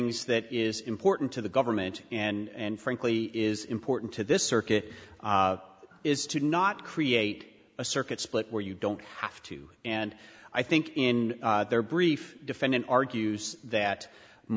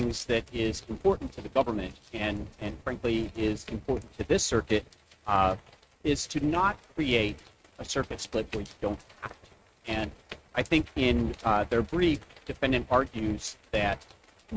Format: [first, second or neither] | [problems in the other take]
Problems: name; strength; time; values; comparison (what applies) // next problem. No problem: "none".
first | noise reduction (neural mask model RNNoise)